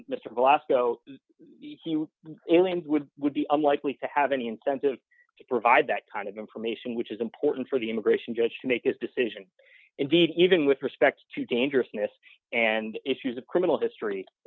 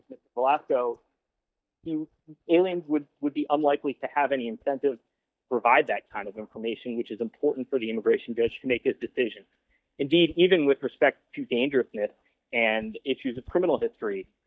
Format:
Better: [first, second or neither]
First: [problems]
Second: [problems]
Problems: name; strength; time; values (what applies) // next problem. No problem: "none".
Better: first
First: none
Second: noise reduction (neural mask model DeepFilterNet 3)